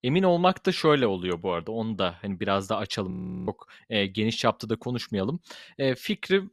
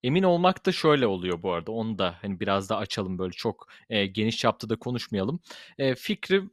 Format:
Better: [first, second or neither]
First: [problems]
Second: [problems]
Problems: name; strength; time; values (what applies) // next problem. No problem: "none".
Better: second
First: audio freezing; at 3 s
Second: none